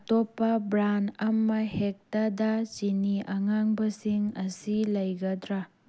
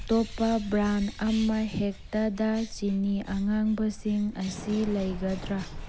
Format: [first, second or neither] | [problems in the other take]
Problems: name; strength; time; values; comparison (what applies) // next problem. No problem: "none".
first | background sound (Thunder / Rain + Bird); 12 dB below the speech